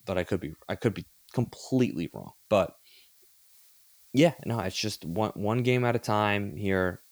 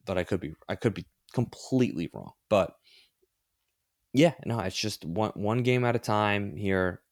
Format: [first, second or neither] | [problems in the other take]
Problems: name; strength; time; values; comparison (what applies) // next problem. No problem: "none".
second | hiss; faint; throughout; 25 dB below the speech